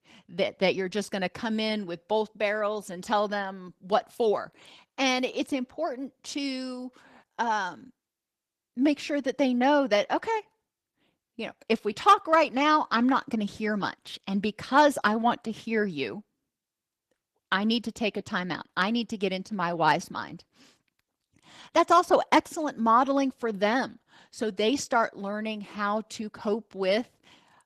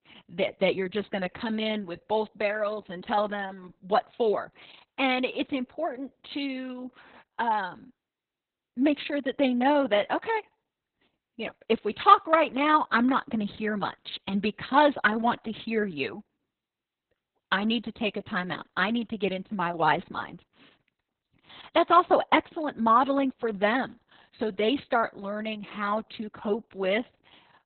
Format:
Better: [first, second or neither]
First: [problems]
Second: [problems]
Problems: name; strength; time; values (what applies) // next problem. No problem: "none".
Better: first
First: garbled, watery; slightly; nothing above 14 kHz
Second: garbled, watery; badly; nothing above 4 kHz